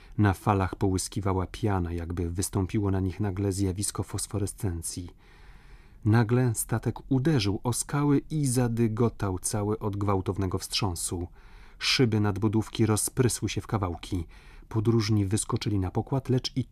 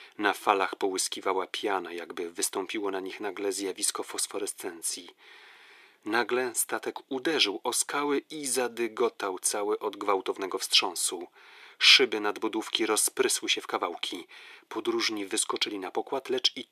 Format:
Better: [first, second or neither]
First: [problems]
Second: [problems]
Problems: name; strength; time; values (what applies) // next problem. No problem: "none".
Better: first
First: none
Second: thin; very; fading below 400 Hz